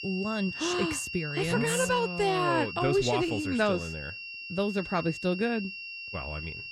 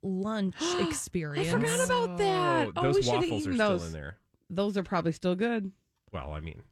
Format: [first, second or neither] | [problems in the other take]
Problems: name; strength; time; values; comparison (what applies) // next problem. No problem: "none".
second | high-pitched whine; loud; throughout; 2.5 kHz, 8 dB below the speech